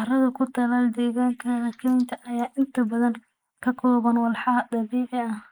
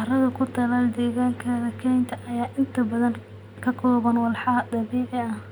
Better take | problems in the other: second | noise reduction (neural mask model Resemble Enhance denoiser)

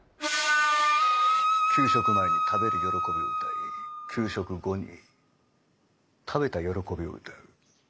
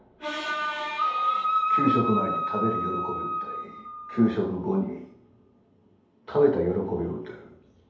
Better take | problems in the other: first | room echo; dies away in 2.2 s

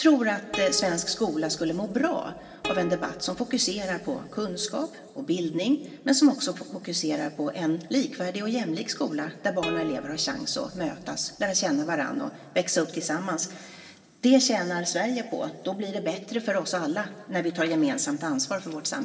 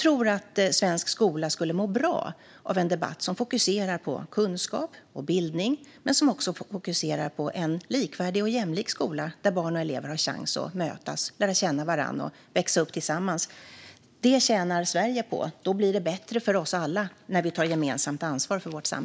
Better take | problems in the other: second | background sound (Plucked string instrument); 13 dB below the speech // room echo; dies away in 1.7 s

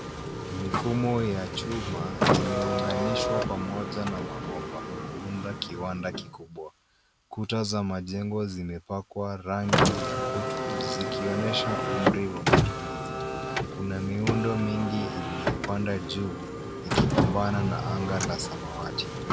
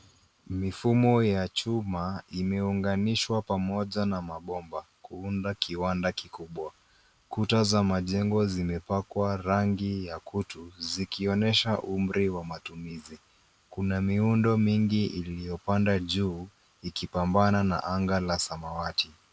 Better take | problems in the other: second | background sound (Car); 2 dB above the speech

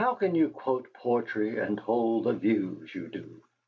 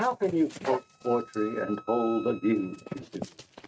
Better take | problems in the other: first | noise reduction (neural mask model RNNoise)

